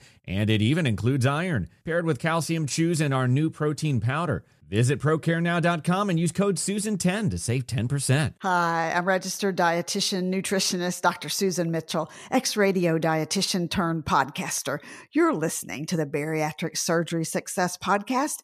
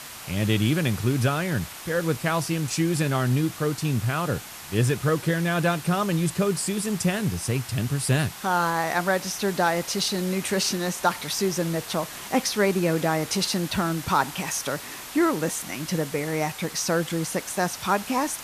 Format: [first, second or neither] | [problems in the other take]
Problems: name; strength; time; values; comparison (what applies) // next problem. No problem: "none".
first | hiss; noticeable; throughout; 10 dB below the speech